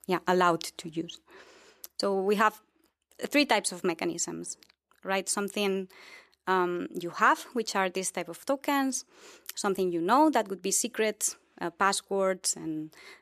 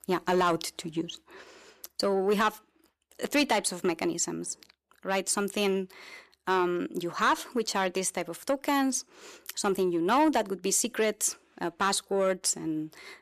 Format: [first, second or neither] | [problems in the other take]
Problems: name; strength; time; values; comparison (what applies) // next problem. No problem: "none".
first | distortion; slight; 10 dB below the speech